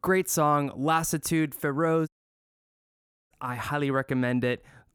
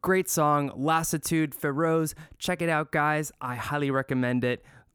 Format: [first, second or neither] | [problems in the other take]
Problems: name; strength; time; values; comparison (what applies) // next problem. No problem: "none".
second | audio cutting out; at 2 s for 1 s